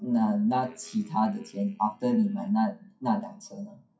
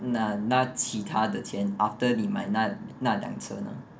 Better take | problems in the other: second | noise reduction (classical method WPE with log-MMSE)

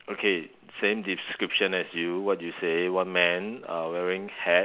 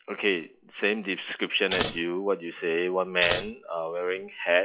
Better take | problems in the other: first | noise reduction (classical method log-MMSE)

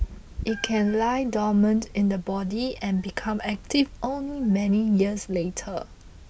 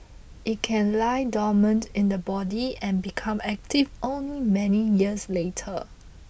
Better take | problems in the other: second | background sound (Meow); 16 dB below the speech

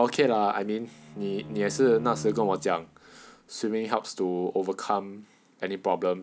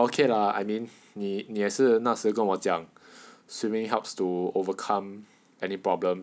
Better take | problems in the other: second | background sound (Bowed string instrument); 15 dB below the speech

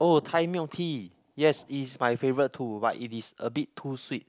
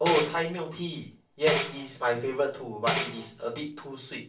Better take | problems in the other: first | background sound (Tambourine); 6 dB below the speech // room echo; dies away in 0.3 s

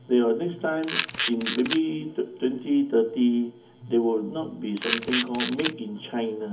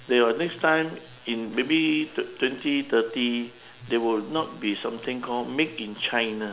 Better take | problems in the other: second | background sound (Camera); 4 dB below the speech // room echo; dies away in 0.3 s

